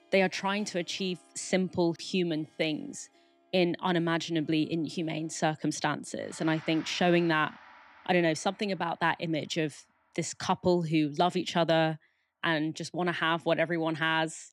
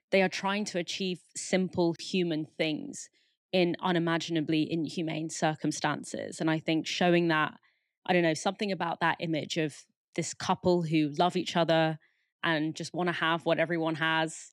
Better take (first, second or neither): second